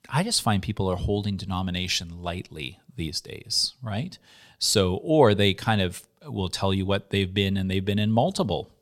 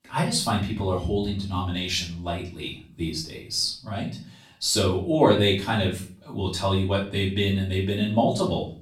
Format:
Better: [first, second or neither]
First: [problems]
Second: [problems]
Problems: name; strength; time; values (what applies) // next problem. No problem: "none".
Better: first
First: none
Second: off-mic speech; far // room echo; slight; dies away in 0.4 s